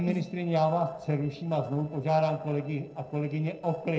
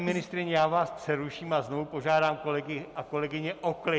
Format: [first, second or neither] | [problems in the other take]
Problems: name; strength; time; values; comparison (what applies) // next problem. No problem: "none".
second | noise reduction (neural separator model SepFormer DNS4)